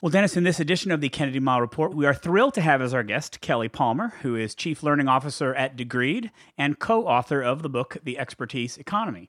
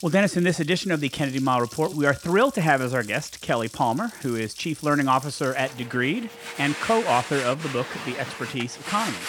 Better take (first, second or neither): first